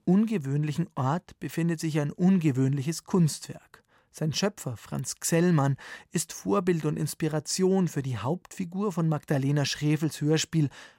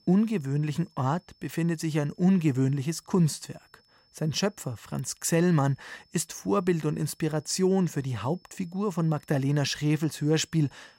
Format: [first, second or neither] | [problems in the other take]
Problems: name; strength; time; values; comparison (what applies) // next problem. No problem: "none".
first | high-pitched whine; faint; throughout; 5.5 kHz, 35 dB below the speech